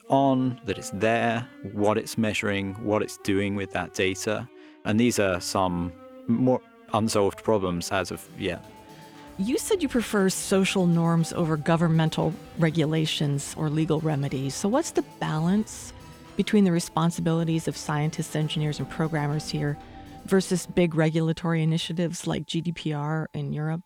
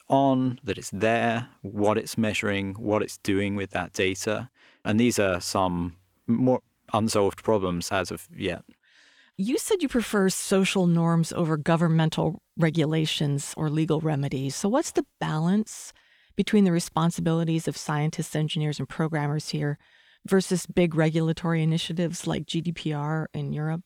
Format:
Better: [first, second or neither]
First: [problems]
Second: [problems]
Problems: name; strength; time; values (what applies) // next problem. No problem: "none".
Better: second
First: background music; faint; throughout; 20 dB below the speech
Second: none